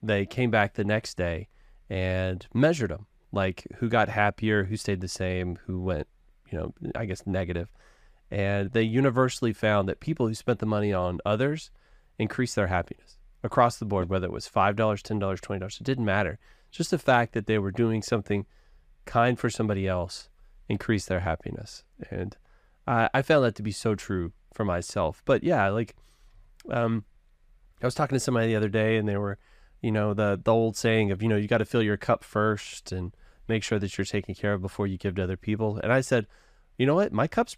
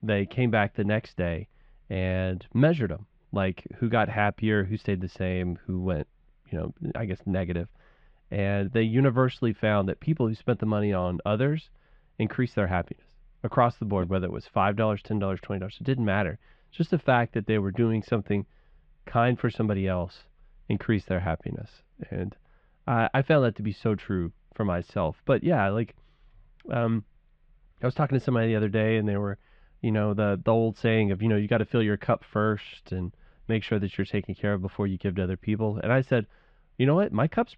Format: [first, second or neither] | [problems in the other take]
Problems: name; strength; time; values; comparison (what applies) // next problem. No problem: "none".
first | muffled; slightly; fading above 3.5 kHz